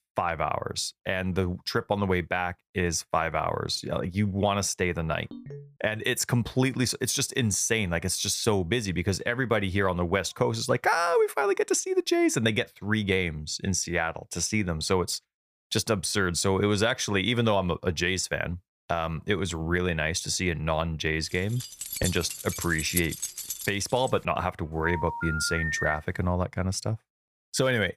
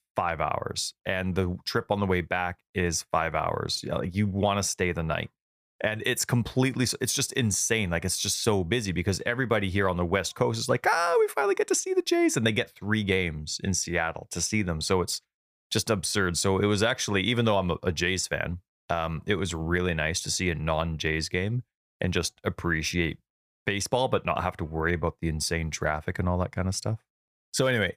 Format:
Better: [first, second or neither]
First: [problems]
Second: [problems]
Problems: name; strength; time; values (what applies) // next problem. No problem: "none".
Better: second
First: phone ringing; faint; at 5.5 s; peak 15 dB below the speech // jangling keys; noticeable; from 22 to 24 s; peak 3 dB below the speech // phone ringing; noticeable; from 25 to 26 s; peak 2 dB below the speech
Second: none